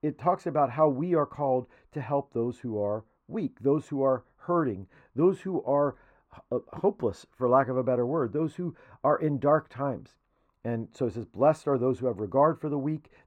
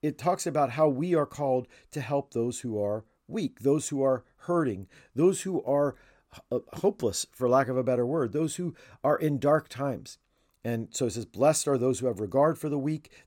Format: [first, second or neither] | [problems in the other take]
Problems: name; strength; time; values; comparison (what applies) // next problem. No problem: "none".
second | muffled; very; fading above 3.5 kHz